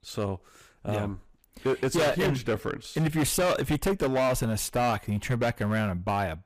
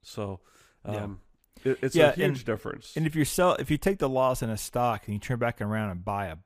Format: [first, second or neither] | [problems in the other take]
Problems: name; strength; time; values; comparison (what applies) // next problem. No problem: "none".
second | distortion; heavy; 14% of the sound clipped